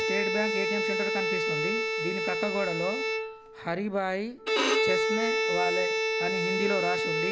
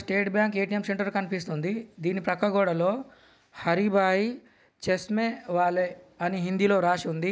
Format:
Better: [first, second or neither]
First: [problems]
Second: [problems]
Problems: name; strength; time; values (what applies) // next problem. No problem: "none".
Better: second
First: background sound (Bowed string instrument); 4 dB above the speech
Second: none